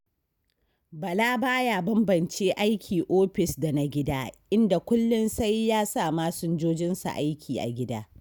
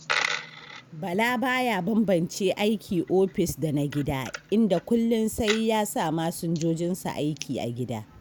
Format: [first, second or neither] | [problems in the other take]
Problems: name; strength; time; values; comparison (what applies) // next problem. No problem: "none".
first | background sound (Coin (dropping)); 12 dB below the speech